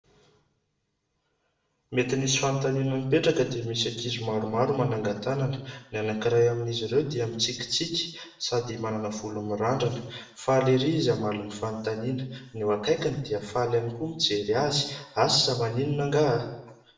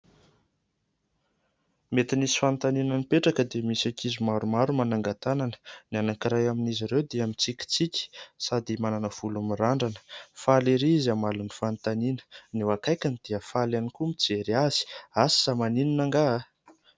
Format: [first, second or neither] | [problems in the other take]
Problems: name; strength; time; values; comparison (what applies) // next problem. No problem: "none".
second | room echo; dies away in 0.7 s